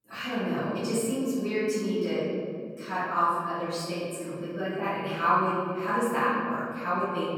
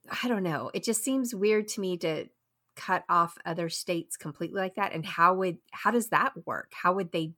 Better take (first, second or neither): second